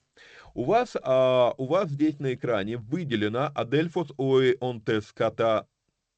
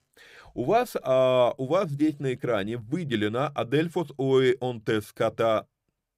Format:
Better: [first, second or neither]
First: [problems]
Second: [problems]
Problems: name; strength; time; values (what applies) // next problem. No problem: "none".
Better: second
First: garbled, watery; slightly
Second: none